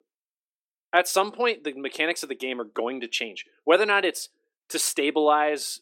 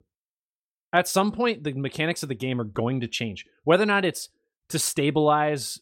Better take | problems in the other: second | thin; somewhat; fading below 300 Hz

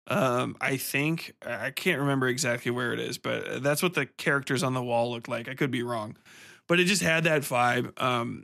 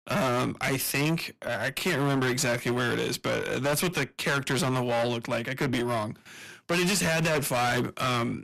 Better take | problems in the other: first | distortion; heavy; 25% of the sound clipped

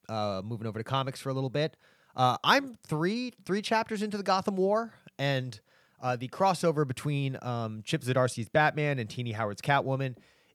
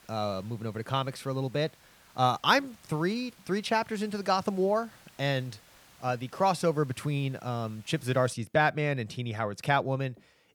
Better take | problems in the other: first | hiss; faint; until 8.5 s; 25 dB below the speech

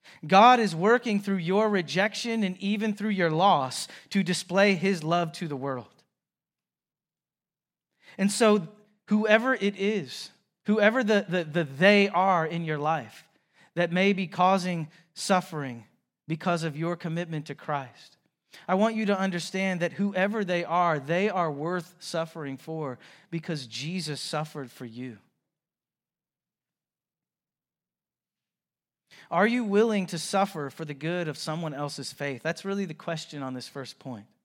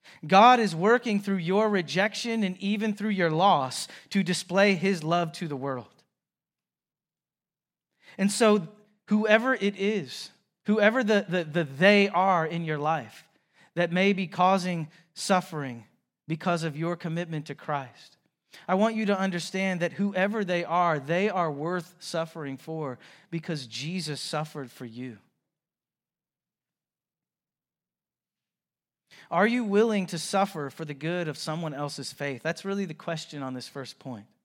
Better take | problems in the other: neither | none

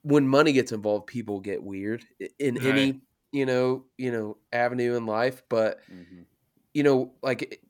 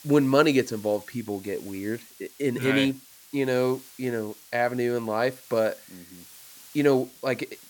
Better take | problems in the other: first | hiss; faint; throughout; 20 dB below the speech

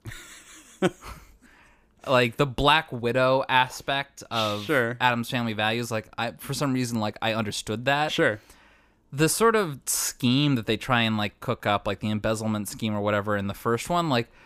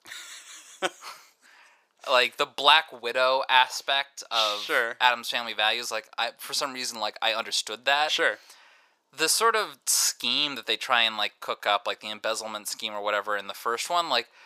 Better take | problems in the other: first | thin; very; fading below 700 Hz

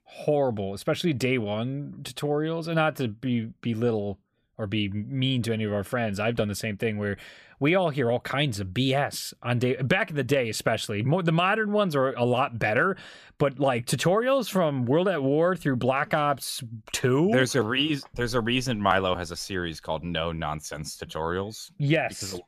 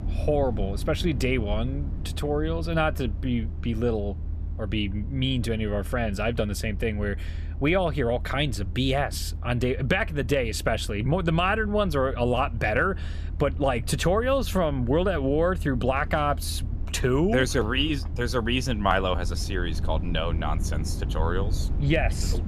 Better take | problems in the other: first | low rumble; faint; throughout; 20 dB below the speech

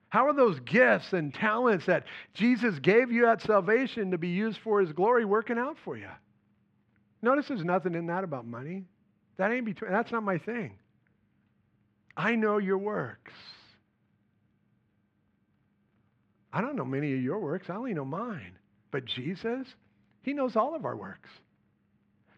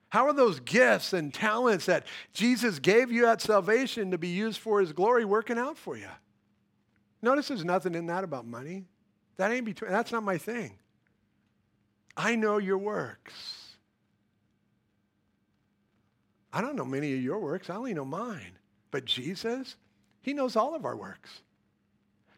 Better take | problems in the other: second | muffled; slightly; fading above 2.5 kHz

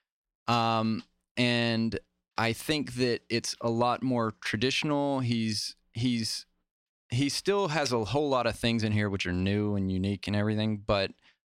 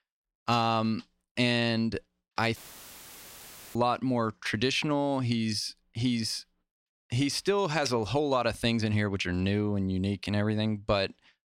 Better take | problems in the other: first | audio cutting out; filled with static; at 2.5 s for 1 s

